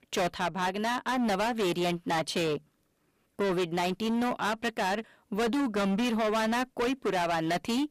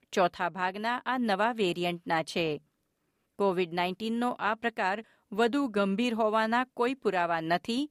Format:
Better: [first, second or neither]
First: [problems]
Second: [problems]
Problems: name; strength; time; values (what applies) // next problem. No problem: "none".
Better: second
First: distortion; heavy; 26% of the sound clipped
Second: none